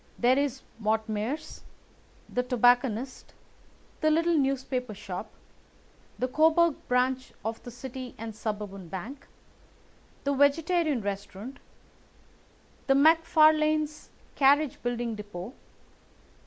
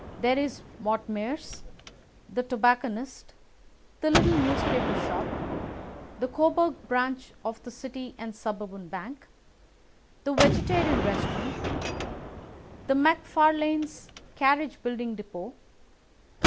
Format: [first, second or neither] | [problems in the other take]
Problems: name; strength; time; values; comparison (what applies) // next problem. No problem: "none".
first | background sound (Gunshot, gunfire); 4 dB below the speech